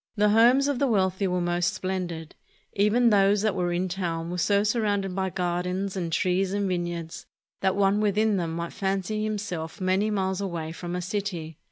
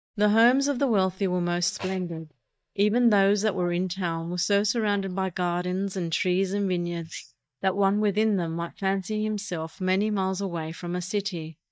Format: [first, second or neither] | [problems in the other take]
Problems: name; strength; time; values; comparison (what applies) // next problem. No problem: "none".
first | noise reduction (neural mask model DeepFilterNet 3)